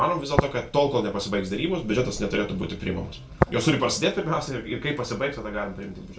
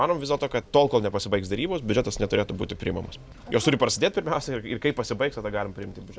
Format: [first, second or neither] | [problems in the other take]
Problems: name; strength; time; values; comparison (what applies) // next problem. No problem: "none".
second | background sound (Tap); 7 dB below the speech // room echo; dies away in 0.3 s